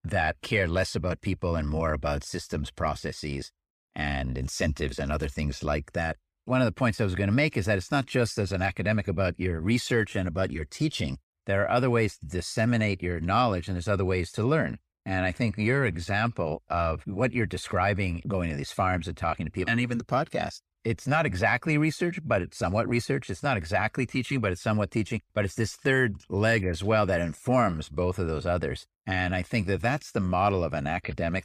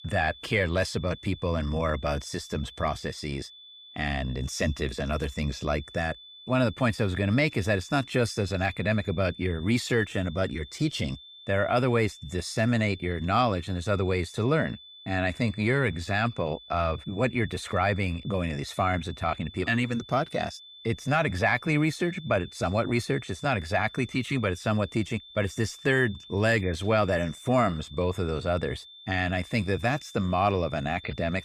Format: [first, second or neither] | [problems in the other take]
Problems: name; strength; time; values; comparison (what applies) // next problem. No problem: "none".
first | high-pitched whine; noticeable; throughout; 3.5 kHz, 20 dB below the speech